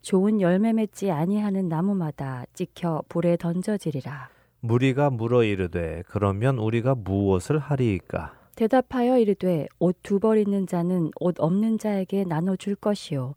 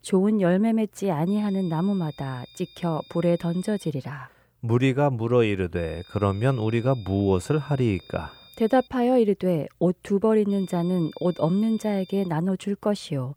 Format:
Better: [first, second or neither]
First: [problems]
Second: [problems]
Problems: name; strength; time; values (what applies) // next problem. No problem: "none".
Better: first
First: none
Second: high-pitched whine; faint; from 1.5 to 4 s, from 6 to 9 s and from 11 to 12 s; 3.5 kHz, 25 dB below the speech